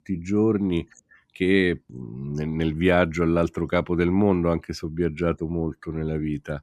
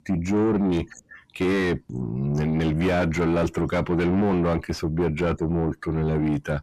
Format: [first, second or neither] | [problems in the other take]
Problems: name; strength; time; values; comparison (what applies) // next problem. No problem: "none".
first | distortion; heavy; 5 dB below the speech